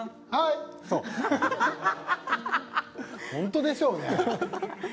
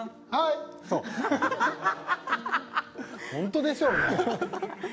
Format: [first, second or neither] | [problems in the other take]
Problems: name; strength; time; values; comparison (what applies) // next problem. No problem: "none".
first | background sound (Breathing); 1 dB above the speech